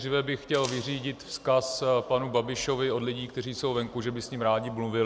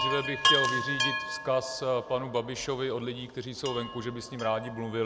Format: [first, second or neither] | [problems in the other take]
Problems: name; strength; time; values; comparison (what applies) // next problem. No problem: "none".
first | background sound (Chime); 1 dB below the speech